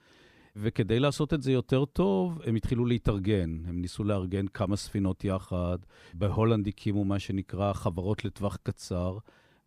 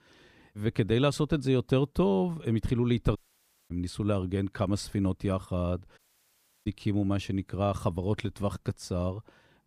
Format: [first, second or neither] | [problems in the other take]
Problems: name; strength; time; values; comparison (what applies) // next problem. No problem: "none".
first | audio cutting out; at 3 s for 0.5 s and at 6 s for 0.5 s